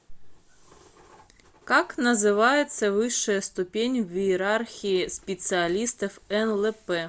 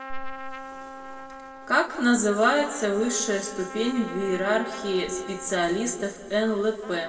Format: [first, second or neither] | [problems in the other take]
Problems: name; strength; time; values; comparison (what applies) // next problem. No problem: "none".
first | background sound (Trumpet); 15 dB below the speech // room echo; dies away in 1.7 s